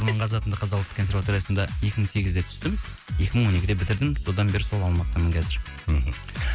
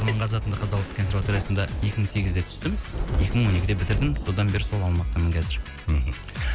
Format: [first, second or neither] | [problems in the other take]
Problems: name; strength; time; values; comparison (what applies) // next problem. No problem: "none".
first | background sound (Thunder / Rain); 10 dB below the speech